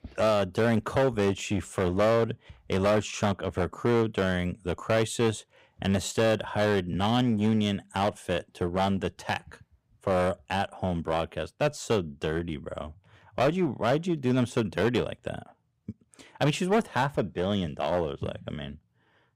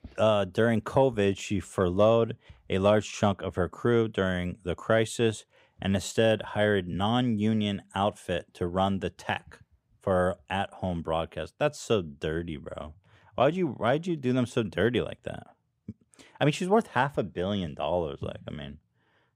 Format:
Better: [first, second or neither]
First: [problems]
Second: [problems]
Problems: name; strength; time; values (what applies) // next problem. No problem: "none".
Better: second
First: distortion; slight; 8% of the sound clipped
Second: none